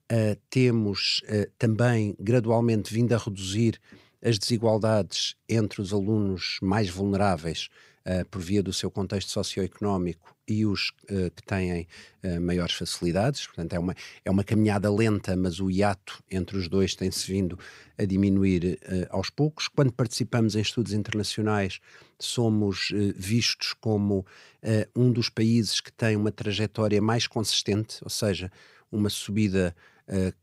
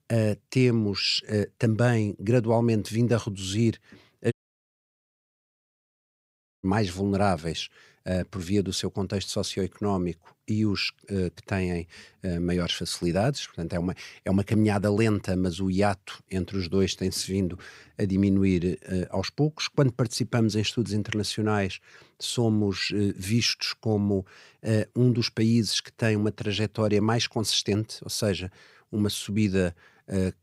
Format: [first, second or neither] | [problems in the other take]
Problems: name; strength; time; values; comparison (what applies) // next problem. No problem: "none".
first | audio cutting out; at 4.5 s for 2.5 s